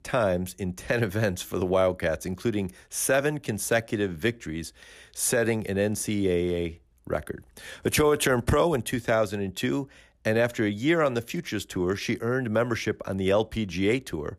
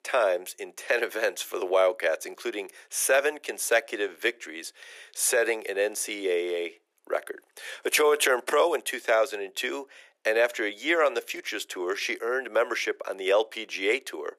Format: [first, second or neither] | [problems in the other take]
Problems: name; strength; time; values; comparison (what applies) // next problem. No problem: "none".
first | thin; very; fading below 400 Hz